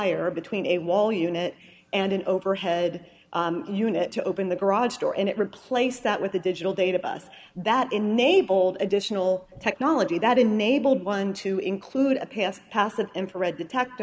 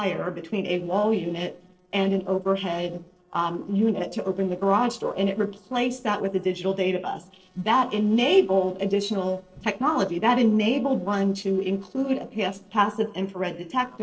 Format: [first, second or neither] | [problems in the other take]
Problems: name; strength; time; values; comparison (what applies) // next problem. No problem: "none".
first | noise reduction (neural separator model SepFormer DNS4)